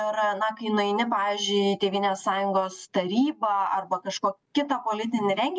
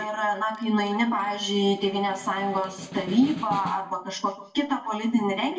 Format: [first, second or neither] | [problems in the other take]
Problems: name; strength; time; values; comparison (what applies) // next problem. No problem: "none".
first | background sound (Snare drum); 15 dB below the speech // room echo; dies away in 0.7 s